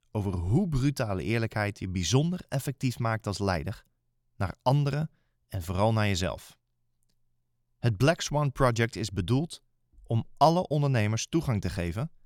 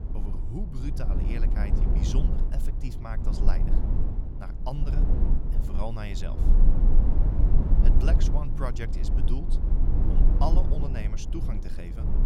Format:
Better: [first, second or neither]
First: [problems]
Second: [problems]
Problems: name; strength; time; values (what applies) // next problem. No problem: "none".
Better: first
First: none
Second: low rumble; loud; throughout; 2 dB below the speech